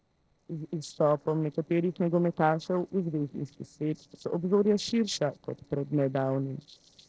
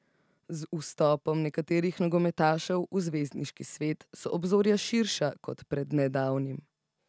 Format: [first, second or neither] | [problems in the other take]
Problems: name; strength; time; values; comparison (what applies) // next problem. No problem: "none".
second | noise reduction (neural separator model SepFormer DNS4)